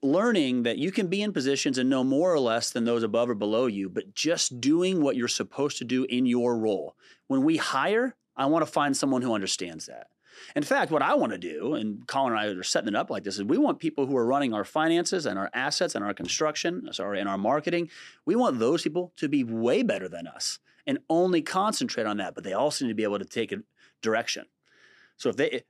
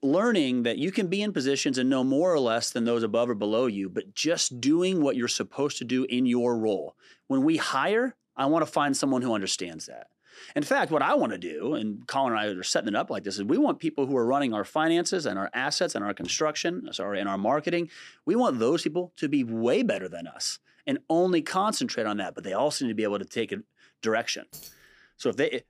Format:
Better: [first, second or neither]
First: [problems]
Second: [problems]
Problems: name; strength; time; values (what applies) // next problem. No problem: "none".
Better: first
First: none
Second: jangling keys; faint; at 25 s; peak 20 dB below the speech